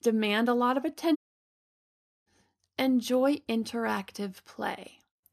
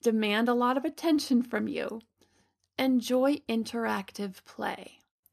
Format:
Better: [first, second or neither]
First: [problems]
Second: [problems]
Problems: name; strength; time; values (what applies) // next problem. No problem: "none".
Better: second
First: audio cutting out; at 1 s for 1 s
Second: none